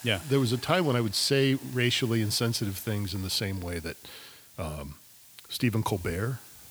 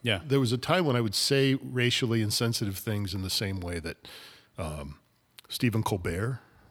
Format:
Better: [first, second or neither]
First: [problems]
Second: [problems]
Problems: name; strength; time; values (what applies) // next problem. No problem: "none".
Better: second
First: hiss; noticeable; throughout; 20 dB below the speech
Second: none